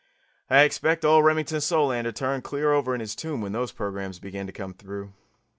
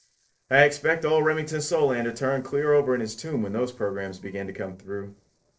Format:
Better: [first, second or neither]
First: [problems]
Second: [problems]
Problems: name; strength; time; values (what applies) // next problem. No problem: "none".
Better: first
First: none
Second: noise reduction (neural separator model SepFormer DNS4)